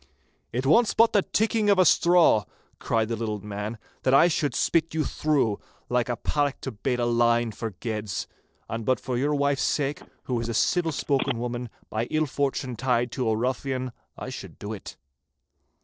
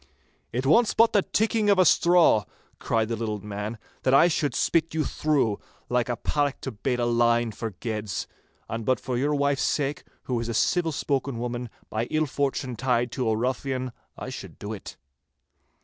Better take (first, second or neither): second